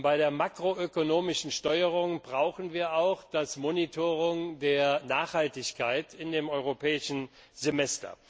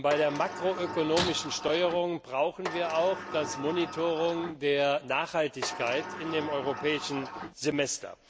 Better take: first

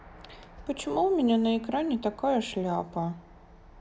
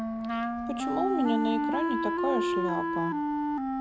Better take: first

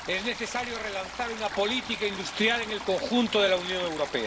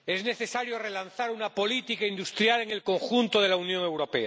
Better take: second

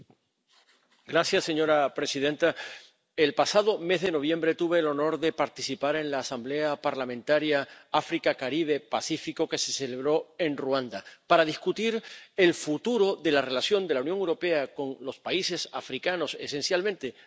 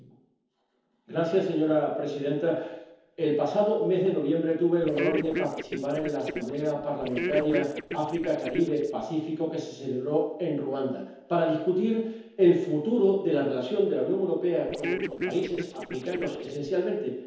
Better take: first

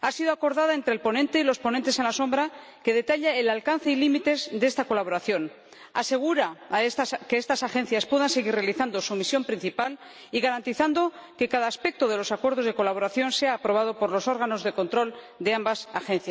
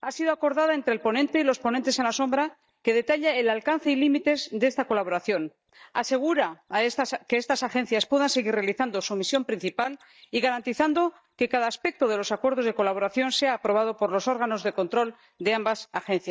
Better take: first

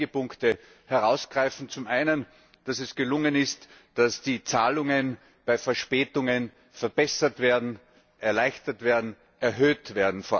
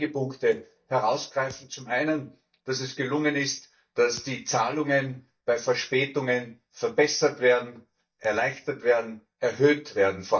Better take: first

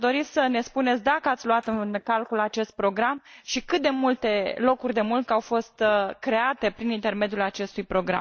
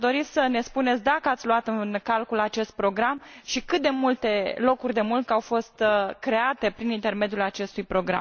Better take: second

